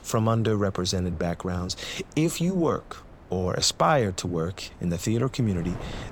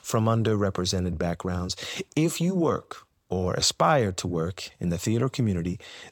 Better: second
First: wind noise on the microphone; occasional gusts; 20 dB below the speech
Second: none

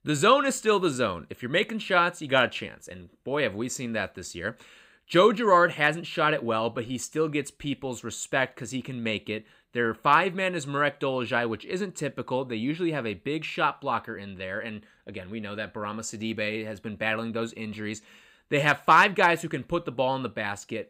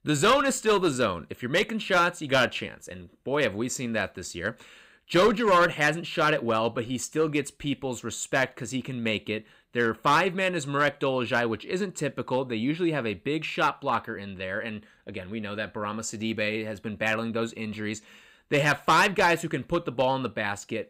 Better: first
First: none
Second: distortion; slight; 3% of the sound clipped

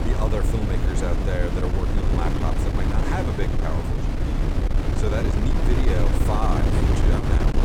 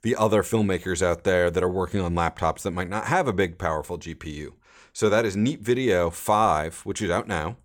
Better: second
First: wind noise on the microphone; heavy; as loud as the speech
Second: none

